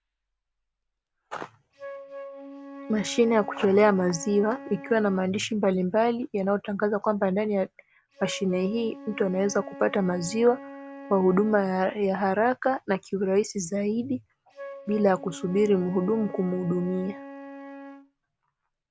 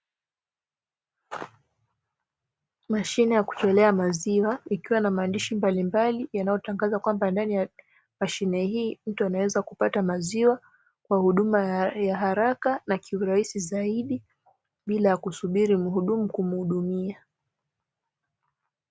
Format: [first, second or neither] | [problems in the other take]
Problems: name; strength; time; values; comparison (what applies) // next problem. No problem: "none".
second | background sound (Wind instrument, woodwind instrument); 17 dB below the speech